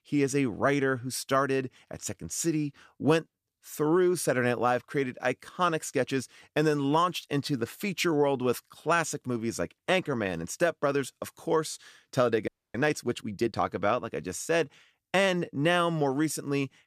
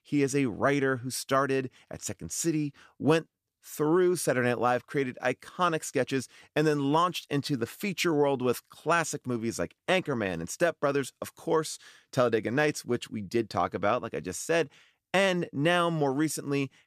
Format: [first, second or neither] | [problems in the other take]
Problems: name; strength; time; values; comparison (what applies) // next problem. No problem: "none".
second | audio freezing; at 12 s